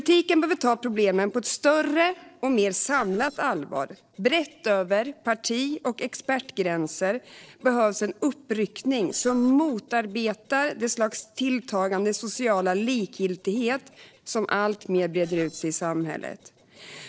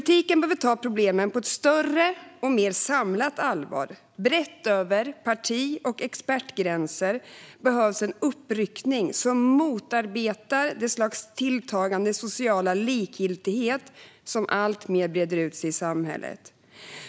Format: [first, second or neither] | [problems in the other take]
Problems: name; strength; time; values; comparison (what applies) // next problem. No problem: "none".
second | noise reduction (neural separator model SepFormer DNS4)